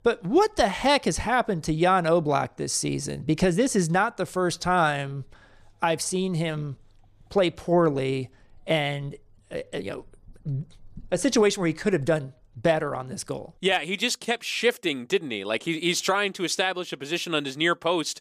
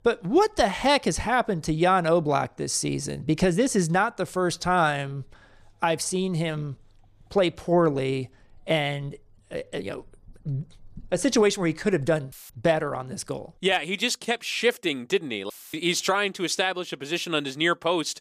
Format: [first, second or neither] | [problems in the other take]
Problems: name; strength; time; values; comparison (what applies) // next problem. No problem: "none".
first | audio cutting out; filled with static; at 12 s and at 16 s